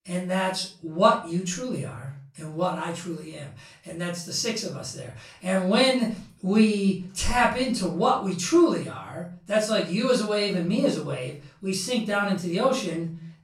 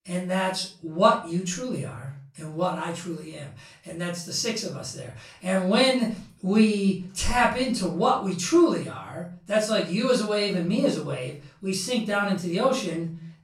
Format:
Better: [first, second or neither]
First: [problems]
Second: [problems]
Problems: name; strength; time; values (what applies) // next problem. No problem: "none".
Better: neither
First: room echo; slight; dies away in 0.3 s // off-mic speech; far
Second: room echo; slight; dies away in 0.3 s // off-mic speech; far